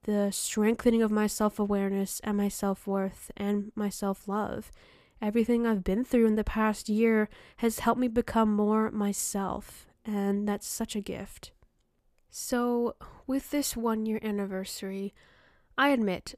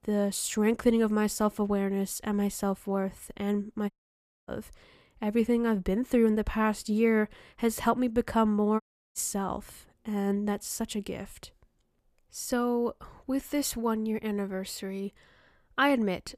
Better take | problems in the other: first | audio cutting out; at 4 s for 0.5 s and at 9 s

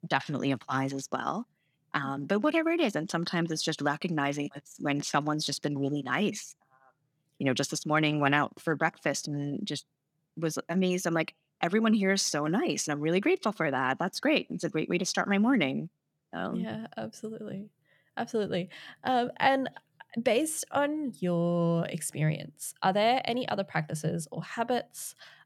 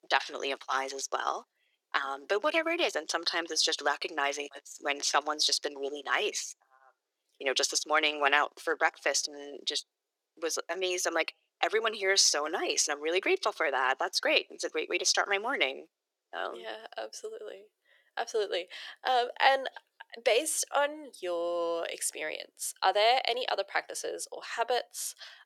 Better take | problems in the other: first | thin; very; fading below 400 Hz

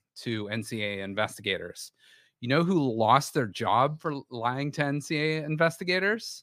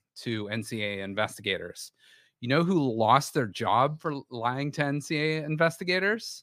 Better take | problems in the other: neither | none

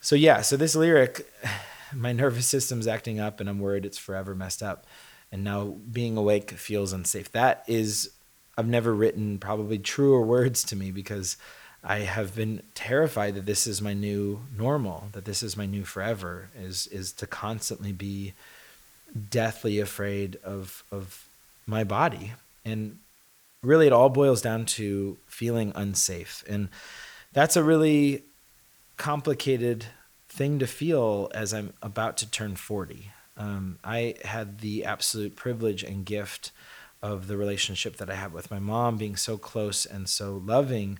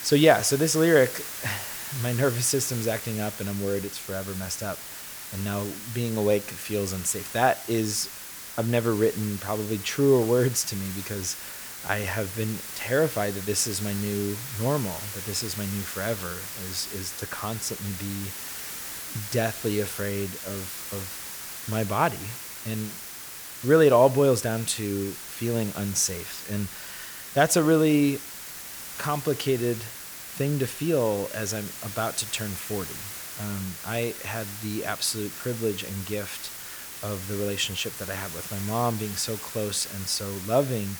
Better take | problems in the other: first | hiss; loud; throughout; 9 dB below the speech; faint in the first

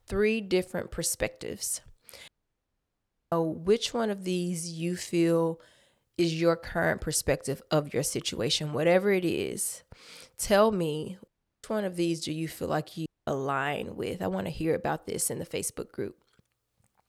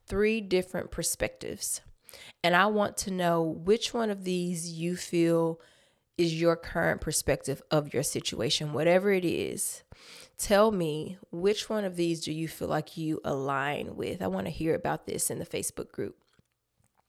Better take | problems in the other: second | audio cutting out; at 2.5 s for 1 s, at 11 s and at 13 s

